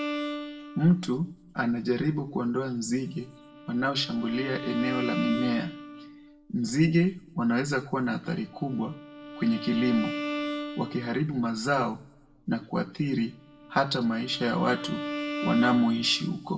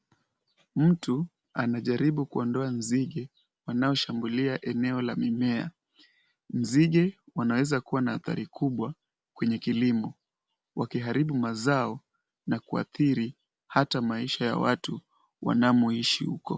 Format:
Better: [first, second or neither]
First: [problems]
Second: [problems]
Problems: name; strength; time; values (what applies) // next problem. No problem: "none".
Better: second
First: background sound (Bowed string instrument); 10 dB below the speech // room echo; dies away in 0.4 s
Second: none